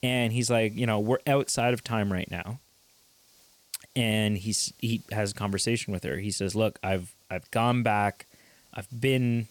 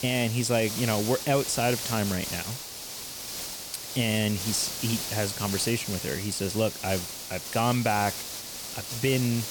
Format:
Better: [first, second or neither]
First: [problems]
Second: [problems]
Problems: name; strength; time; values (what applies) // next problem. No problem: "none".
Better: first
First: hiss; faint; throughout; 30 dB below the speech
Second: hiss; loud; throughout; 5 dB below the speech